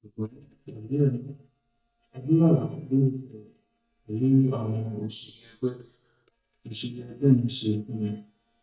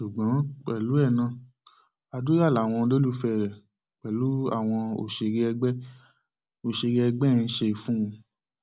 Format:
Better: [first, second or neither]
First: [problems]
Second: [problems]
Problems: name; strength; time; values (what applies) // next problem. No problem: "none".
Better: second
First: noise reduction (neural mask model DeepFilterNet 3)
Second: none